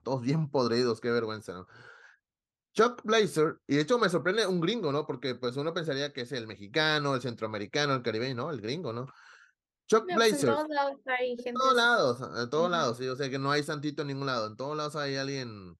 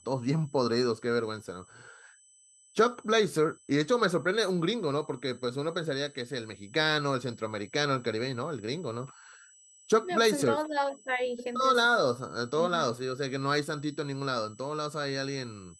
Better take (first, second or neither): first